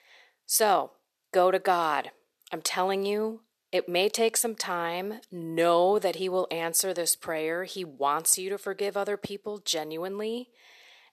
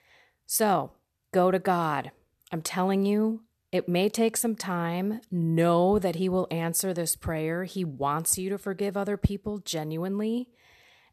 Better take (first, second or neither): second